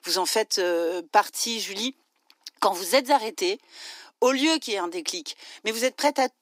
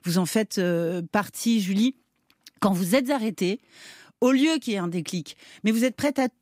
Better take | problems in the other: second | thin; very; fading below 300 Hz

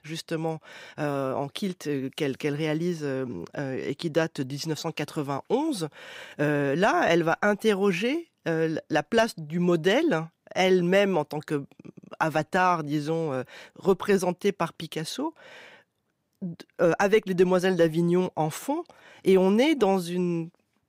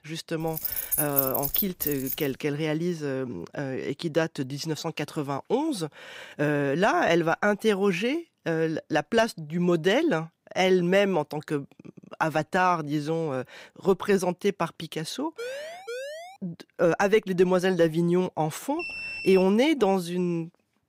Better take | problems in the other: first | jangling keys; loud; from 0.5 to 2 s; peak 3 dB above the speech // siren; noticeable; at 15 s; peak 10 dB below the speech // alarm; noticeable; at 19 s; peak 6 dB below the speech

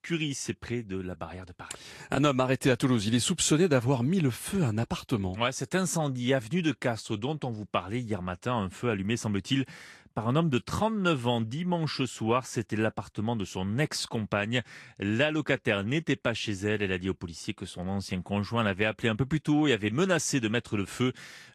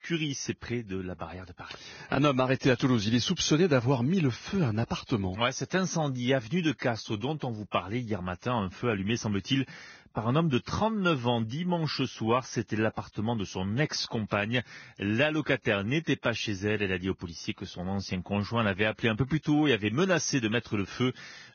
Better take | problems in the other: first | garbled, watery; badly; nothing above 6.5 kHz; slightly in the first

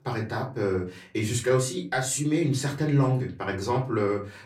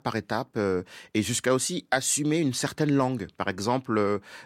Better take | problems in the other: second | off-mic speech; far // room echo; very slight; dies away in 0.3 s

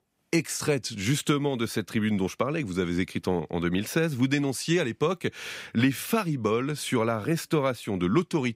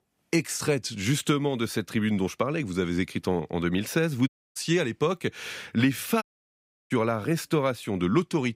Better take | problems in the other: first | audio cutting out; at 4.5 s and at 6 s for 0.5 s

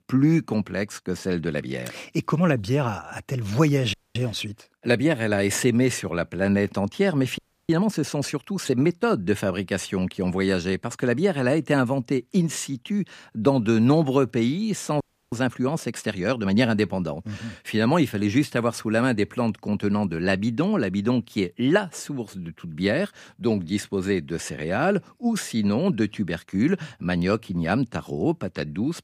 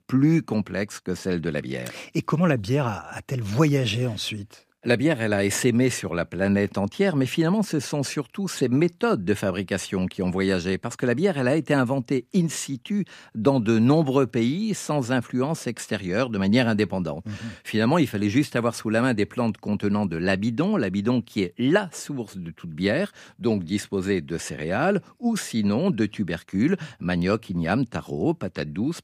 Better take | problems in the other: second | audio freezing; at 4 s, at 7.5 s and at 15 s

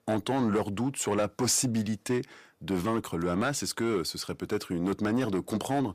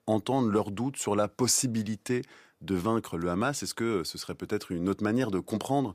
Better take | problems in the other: second | distortion; slight; 10 dB below the speech

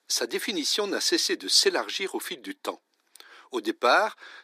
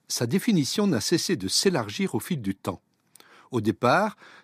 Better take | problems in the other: second | thin; very; fading below 300 Hz

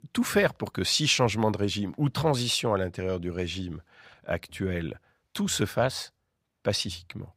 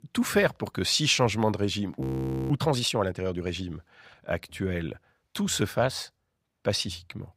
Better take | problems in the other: first | audio freezing; at 2 s

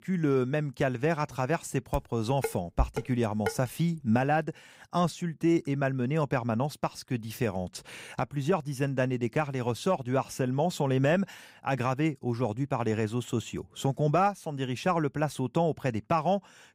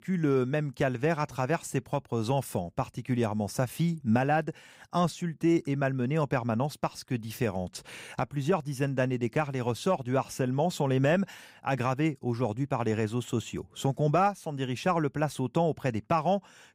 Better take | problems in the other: second | clattering dishes; noticeable; from 2 to 3.5 s; peak 5 dB below the speech

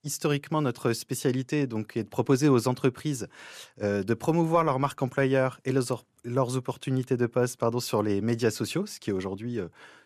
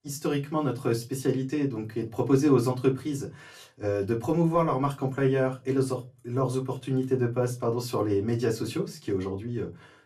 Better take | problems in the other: first | off-mic speech; far // room echo; very slight; dies away in 0.2 s

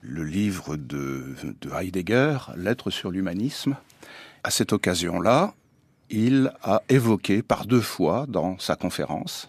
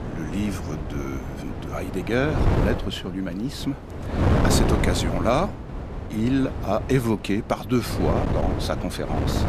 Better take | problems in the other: first | wind noise on the microphone; heavy; 4 dB below the speech

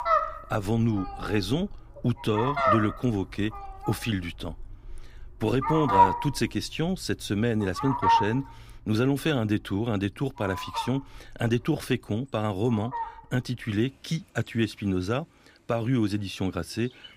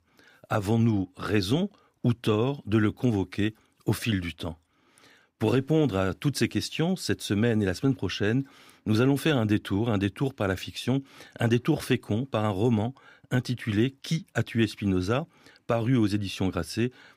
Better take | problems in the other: second | animal sounds; very loud; throughout; 1 dB above the speech

